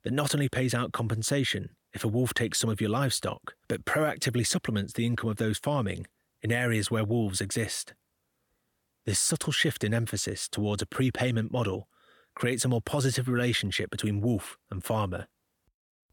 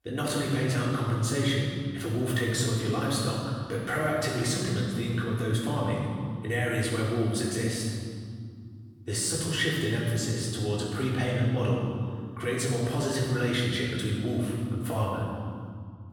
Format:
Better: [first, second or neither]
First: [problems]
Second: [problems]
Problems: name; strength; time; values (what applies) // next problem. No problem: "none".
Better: first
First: none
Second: off-mic speech; far // room echo; strong; dies away in 2.1 s